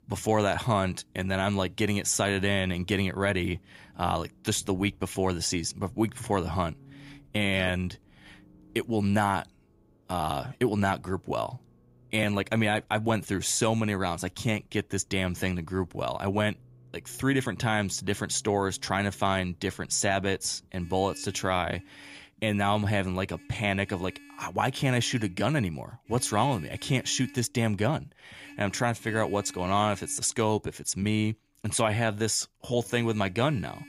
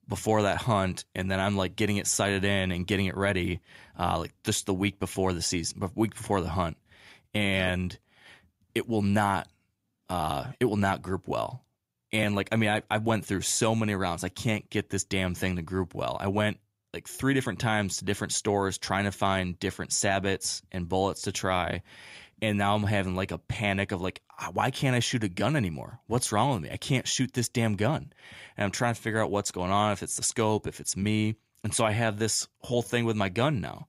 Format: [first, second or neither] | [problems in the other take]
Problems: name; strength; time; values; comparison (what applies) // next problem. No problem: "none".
second | traffic noise; faint; throughout; 25 dB below the speech